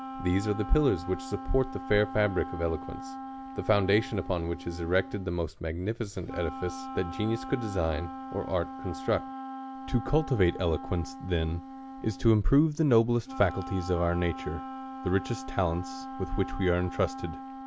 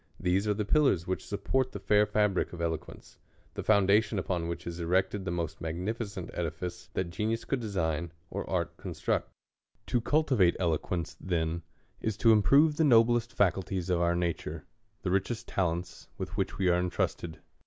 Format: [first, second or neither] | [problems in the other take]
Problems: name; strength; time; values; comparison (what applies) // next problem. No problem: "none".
second | background sound (Wind instrument, woodwind instrument); 11 dB below the speech